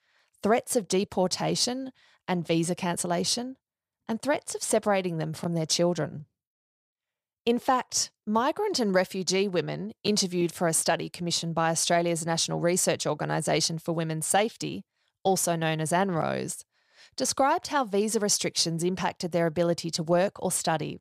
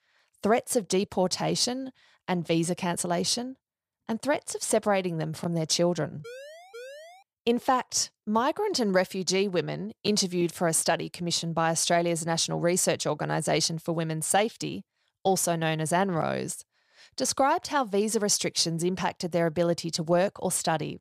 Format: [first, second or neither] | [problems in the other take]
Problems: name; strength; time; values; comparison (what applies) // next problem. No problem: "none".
first | siren; faint; at 6 s; peak 15 dB below the speech